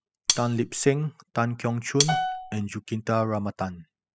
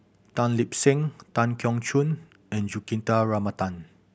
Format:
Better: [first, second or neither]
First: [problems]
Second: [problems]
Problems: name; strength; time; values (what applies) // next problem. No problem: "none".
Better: second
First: noise reduction (classical method spectral subtraction)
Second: none